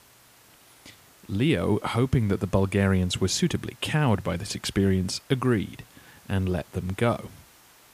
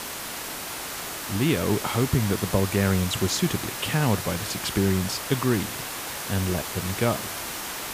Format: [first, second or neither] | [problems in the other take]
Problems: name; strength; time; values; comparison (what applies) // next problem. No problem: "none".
first | hiss; loud; throughout; 5 dB below the speech; faint in the first